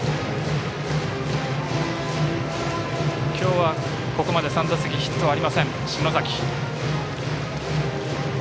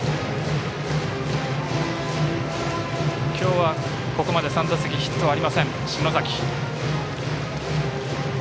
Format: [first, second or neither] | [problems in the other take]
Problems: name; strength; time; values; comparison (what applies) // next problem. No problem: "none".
second | background sound (Wind instrument, woodwind instrument); 19 dB below the speech